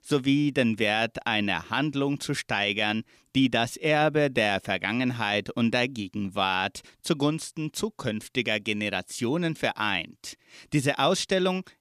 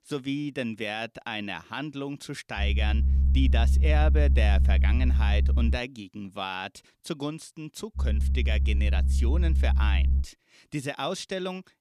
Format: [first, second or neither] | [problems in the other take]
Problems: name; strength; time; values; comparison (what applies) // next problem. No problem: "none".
first | low rumble; loud; from 2.5 to 6 s and from 8 to 10 s; 10 dB below the speech